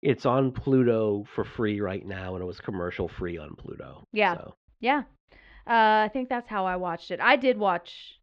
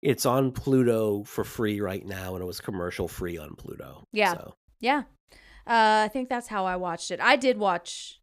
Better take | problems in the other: second | muffled; slightly; fading above 3.5 kHz

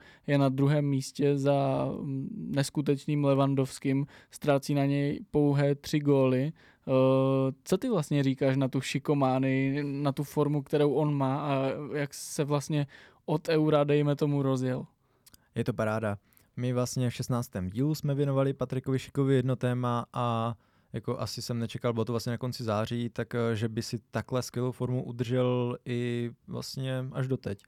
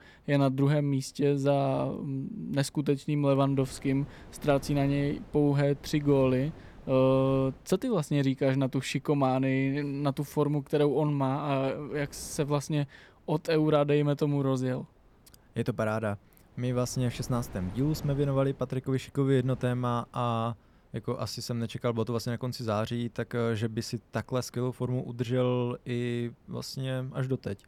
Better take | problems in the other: first | wind noise on the microphone; occasional gusts; 25 dB below the speech

